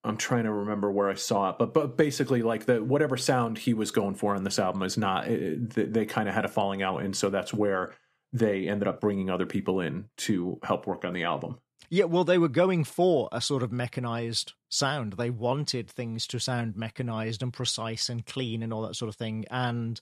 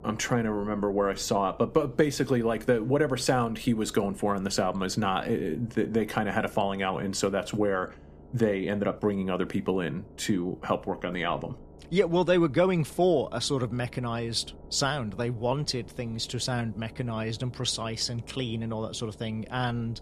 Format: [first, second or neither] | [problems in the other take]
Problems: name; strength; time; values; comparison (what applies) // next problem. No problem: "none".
first | low rumble; faint; throughout; 25 dB below the speech